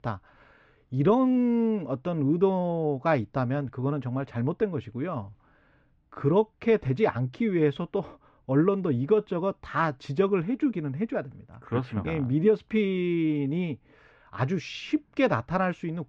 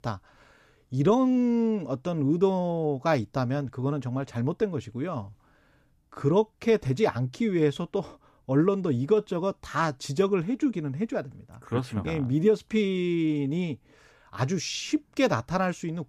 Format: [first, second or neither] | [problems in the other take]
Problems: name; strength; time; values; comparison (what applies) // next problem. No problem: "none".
second | muffled; slightly; fading above 2.5 kHz